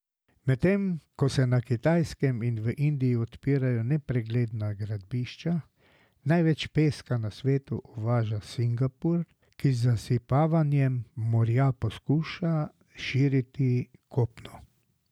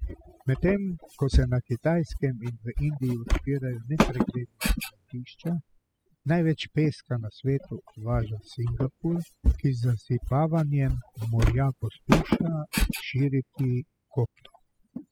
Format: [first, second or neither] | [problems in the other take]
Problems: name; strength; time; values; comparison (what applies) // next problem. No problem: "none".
first | noise reduction (classical method spectral subtraction)